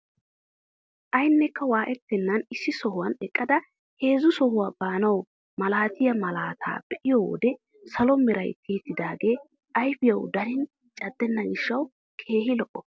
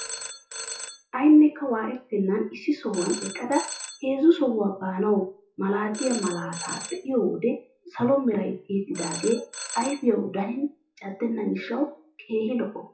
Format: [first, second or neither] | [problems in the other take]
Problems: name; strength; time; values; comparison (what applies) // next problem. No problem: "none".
first | noise reduction (classical method WPE with log-MMSE)